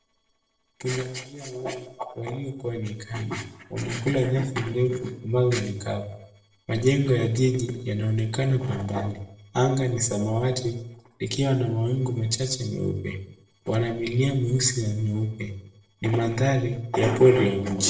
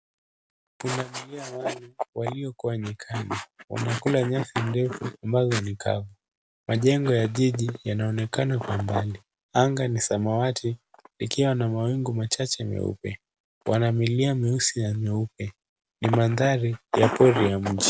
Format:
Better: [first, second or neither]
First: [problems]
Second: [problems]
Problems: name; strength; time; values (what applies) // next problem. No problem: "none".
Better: second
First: noise reduction (neural separator model SepFormer DNS4)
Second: none